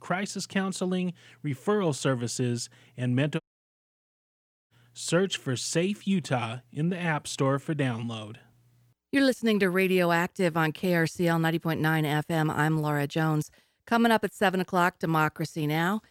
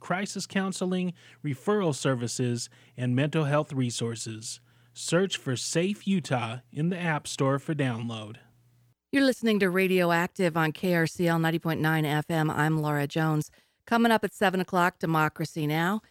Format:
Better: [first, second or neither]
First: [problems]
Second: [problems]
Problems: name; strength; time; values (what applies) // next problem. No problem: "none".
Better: second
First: audio cutting out; at 3.5 s for 1.5 s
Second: none